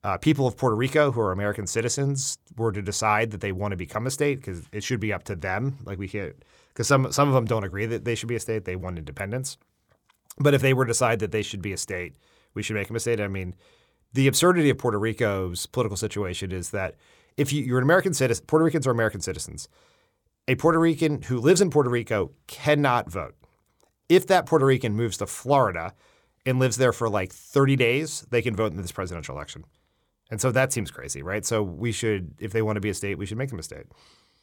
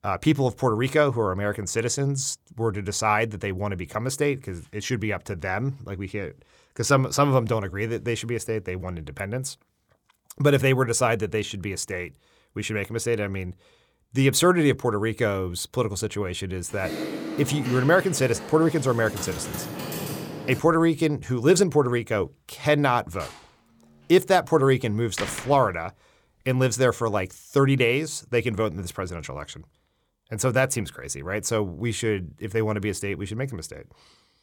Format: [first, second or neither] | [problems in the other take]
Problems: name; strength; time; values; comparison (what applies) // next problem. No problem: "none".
first | keyboard typing; noticeable; from 17 to 21 s; peak 7 dB below the speech // door banging; noticeable; from 23 to 26 s; peak 8 dB below the speech